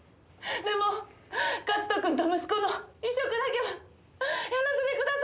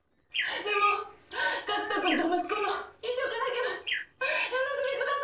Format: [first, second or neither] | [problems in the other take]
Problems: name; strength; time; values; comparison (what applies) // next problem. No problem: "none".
first | noise reduction (neural separator model SepFormer DNS4)